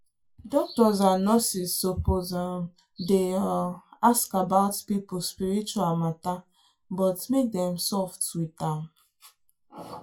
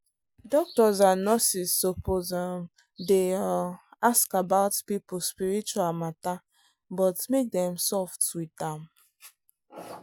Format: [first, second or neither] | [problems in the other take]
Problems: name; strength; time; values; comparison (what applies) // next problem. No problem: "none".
second | room echo; dies away in 0.2 s